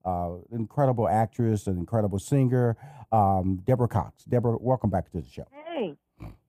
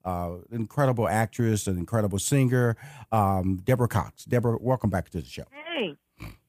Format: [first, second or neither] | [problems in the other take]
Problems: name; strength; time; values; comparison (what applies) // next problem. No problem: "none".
second | muffled; slightly; fading above 1 kHz